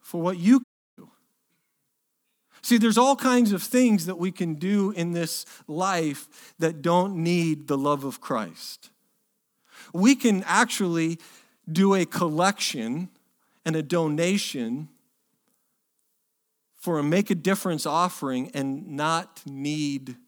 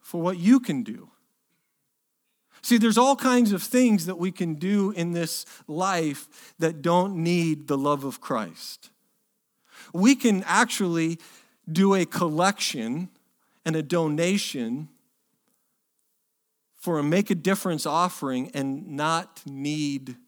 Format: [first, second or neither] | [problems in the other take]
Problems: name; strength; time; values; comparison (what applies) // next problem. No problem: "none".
second | audio cutting out; at 0.5 s